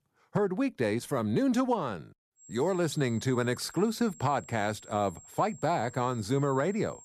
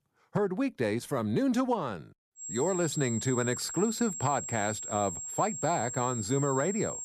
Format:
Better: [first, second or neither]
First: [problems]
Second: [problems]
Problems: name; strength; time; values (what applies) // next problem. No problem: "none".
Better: first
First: high-pitched whine; faint; from 2.5 s on; 7.5 kHz, 20 dB below the speech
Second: high-pitched whine; loud; from 2.5 s on; 7.5 kHz, 5 dB below the speech